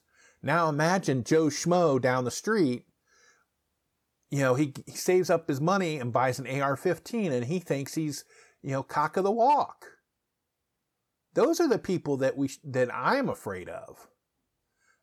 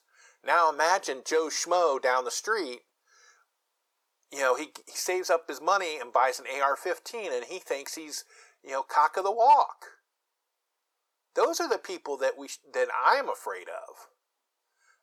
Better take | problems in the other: first | thin; very; fading below 450 Hz

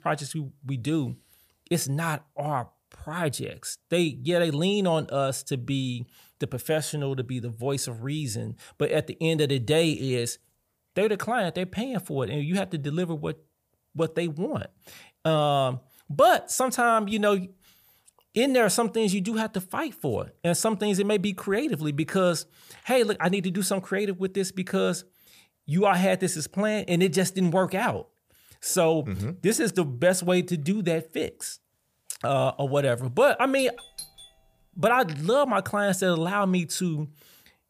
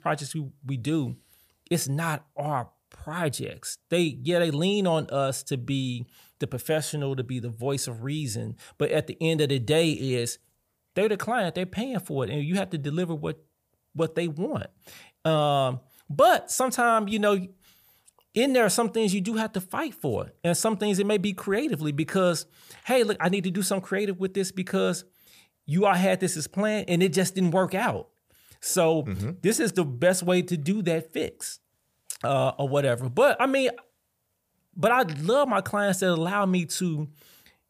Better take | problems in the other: second | doorbell; faint; at 34 s; peak 15 dB below the speech

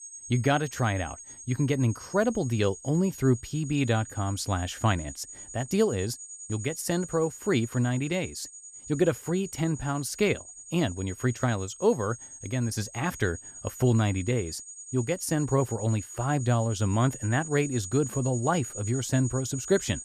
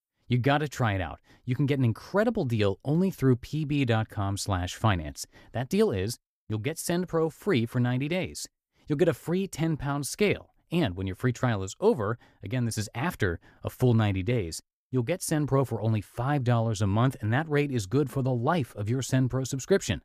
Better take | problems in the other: second | high-pitched whine; noticeable; throughout; 7 kHz, 10 dB below the speech

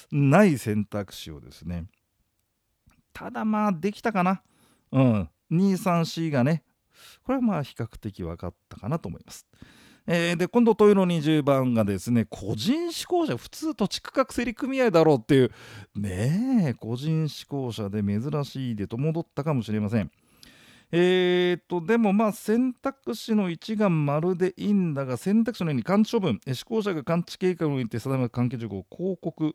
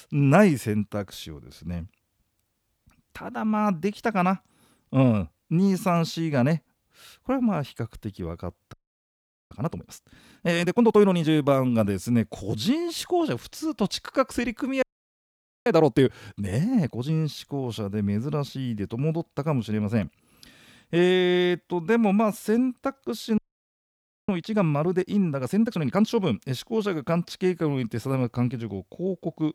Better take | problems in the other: first | audio freezing; at 8.5 s for 1 s, at 15 s for 1 s and at 23 s for 1 s

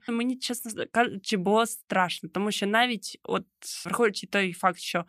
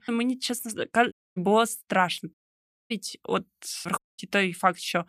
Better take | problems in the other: first | audio cutting out; at 1 s, at 2.5 s for 0.5 s and at 4 s

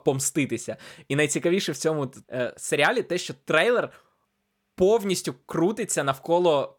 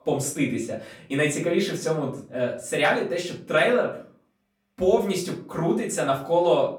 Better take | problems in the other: first | off-mic speech; far // room echo; slight; dies away in 0.4 s

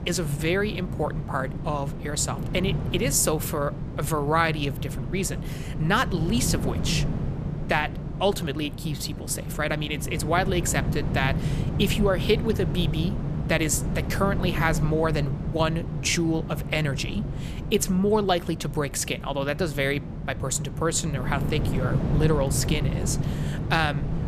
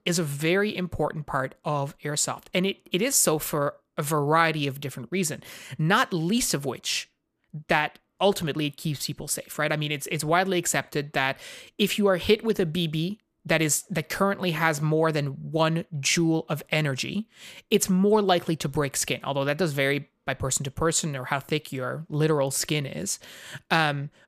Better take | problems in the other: second | wind noise on the microphone; occasional gusts; 10 dB below the speech

